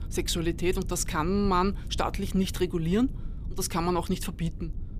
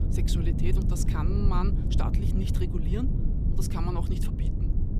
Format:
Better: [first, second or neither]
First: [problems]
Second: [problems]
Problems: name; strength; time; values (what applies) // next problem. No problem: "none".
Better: first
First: low rumble; faint; throughout; 20 dB below the speech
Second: low rumble; loud; throughout; 3 dB below the speech